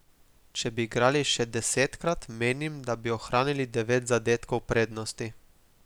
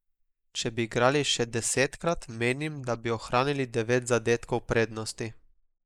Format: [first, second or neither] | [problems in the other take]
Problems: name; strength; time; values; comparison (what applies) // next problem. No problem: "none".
first | noise reduction (neural mask model Resemble Enhance denoiser)